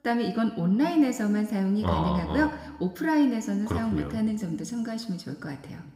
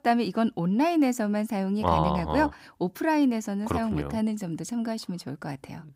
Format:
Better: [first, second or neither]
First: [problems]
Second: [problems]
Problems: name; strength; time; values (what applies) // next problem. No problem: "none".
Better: second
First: room echo; slight; dies away in 1 s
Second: none